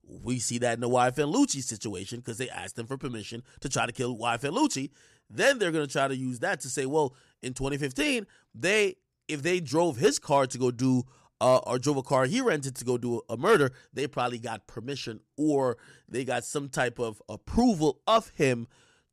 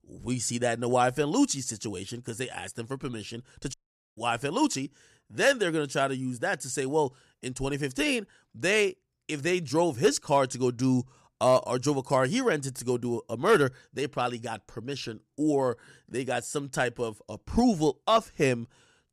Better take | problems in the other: first | audio cutting out; at 3.5 s

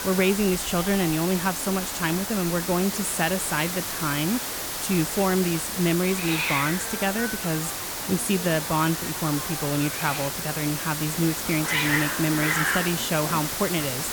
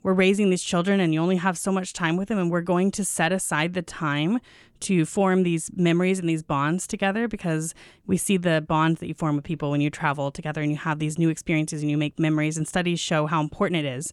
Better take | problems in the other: second | hiss; loud; throughout; 1 dB below the speech

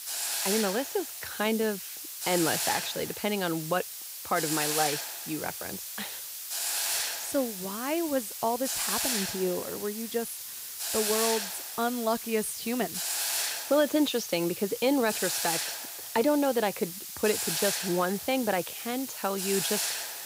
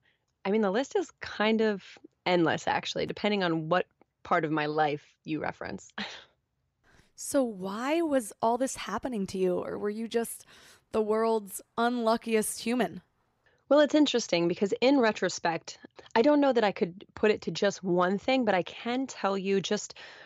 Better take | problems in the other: second | hiss; loud; throughout; 1 dB below the speech

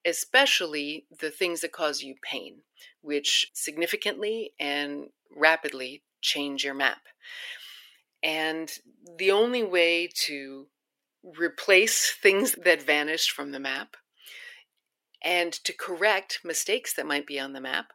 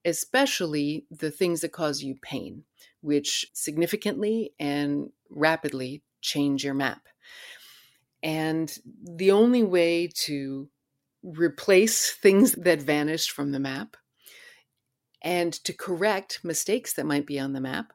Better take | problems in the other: second | thin; somewhat; fading below 500 Hz

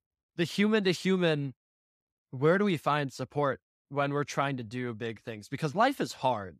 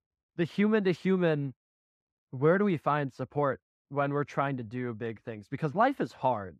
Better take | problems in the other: first | muffled; slightly; fading above 3 kHz

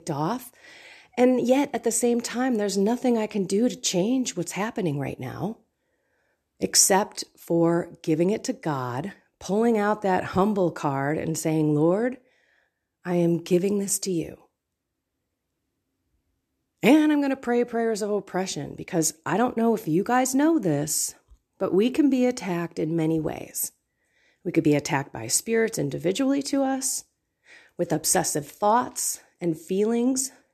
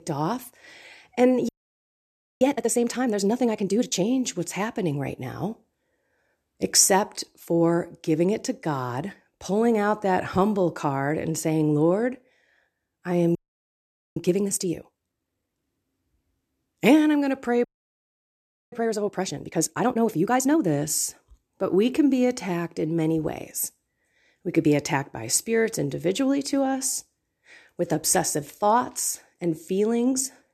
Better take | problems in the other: first | audio freezing; at 1.5 s for 1 s, at 13 s for 1 s and at 18 s for 1 s

